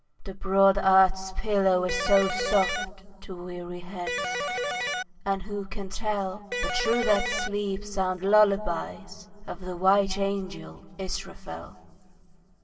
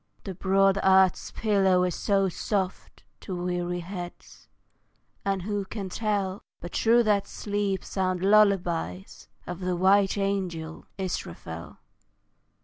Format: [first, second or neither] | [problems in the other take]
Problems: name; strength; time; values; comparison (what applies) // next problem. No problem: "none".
second | background sound (Electric guitar); 3 dB below the speech // room echo; dies away in 3 s